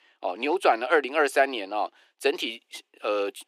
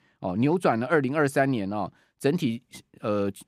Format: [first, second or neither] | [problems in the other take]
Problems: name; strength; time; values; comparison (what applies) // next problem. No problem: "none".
second | thin; very; fading below 350 Hz